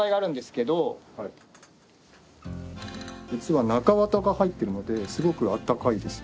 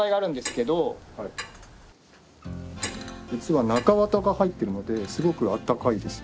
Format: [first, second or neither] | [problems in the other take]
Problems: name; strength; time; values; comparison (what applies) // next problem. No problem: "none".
first | background sound (Clock); 14 dB below the speech